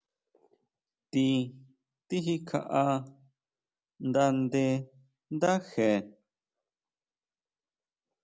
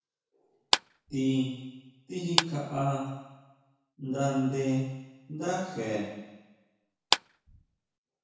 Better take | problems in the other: first | background sound (Clapping); as loud as the speech // room echo; dies away in 1 s

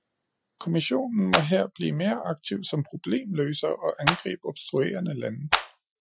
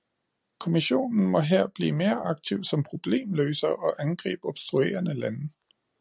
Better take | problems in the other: second | noise reduction (classical method Wiener filter)

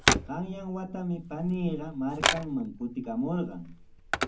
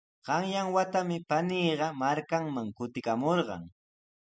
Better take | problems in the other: second | background sound (Telephone); 1 dB above the speech // room echo; dies away in 0.3 s

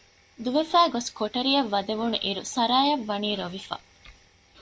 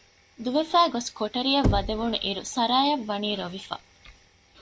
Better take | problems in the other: first | background sound (Knock / Wood); 5 dB below the speech

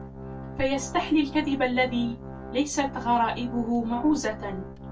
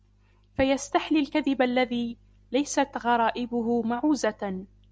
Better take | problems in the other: second | background sound (Organ); 12 dB below the speech // room echo; dies away in 0.1 s

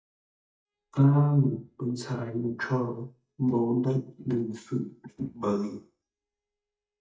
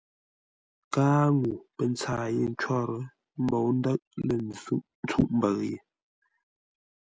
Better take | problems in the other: second | noise reduction (neural mask model DeepFilterNet 3)

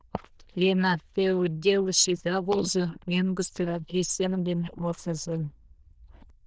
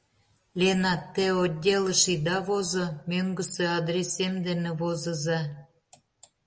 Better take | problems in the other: second | noise reduction (neural diffusion model UNIVERSE++)

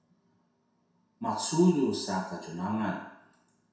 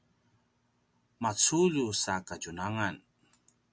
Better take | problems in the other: second | room echo; dies away in 0.7 s

